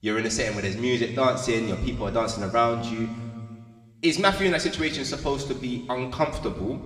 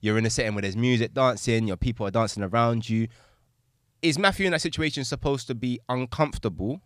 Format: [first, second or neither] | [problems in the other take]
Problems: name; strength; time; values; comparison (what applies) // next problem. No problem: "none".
second | room echo; slight; dies away in 1.9 s // off-mic speech; somewhat distant